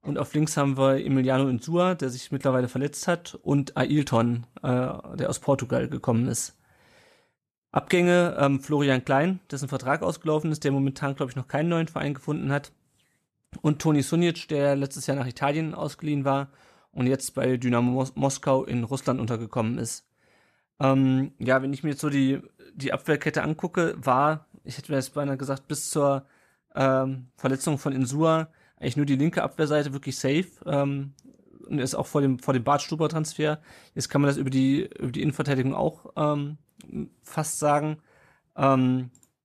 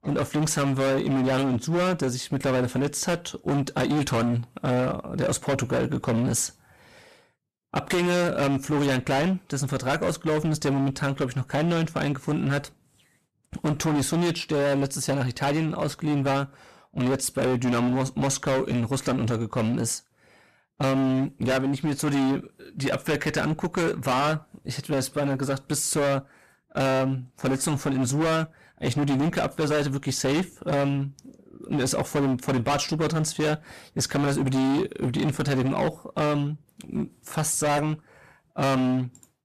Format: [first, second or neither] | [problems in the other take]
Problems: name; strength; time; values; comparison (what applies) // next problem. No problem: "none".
first | distortion; heavy; 22% of the sound clipped